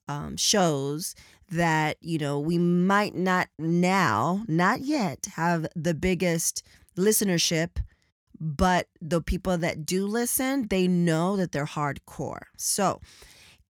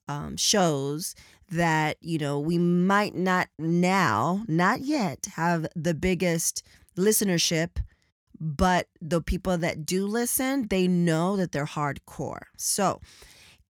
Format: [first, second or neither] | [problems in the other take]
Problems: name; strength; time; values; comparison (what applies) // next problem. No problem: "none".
neither | none